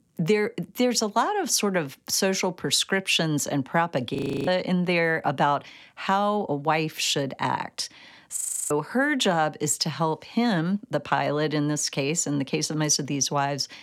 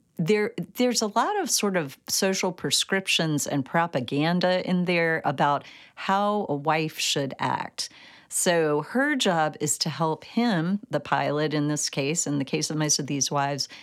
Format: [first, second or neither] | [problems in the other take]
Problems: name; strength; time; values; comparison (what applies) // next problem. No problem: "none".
second | audio freezing; at 4 s and at 8.5 s